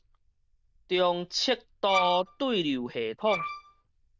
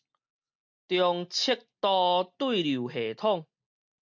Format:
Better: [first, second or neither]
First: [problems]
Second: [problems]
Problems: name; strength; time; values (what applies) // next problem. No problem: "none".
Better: second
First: noise reduction (neural diffusion model UNIVERSE++)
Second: none